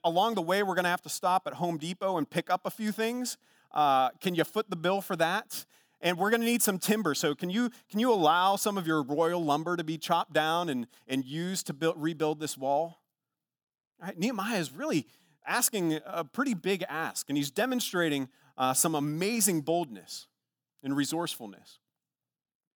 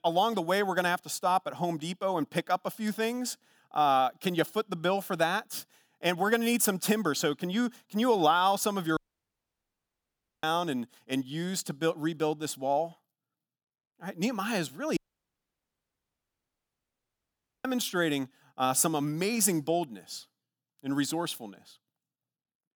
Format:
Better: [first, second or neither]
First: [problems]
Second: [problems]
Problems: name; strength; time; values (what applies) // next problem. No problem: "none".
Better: first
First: none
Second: audio cutting out; at 9 s for 1.5 s and at 15 s for 2.5 s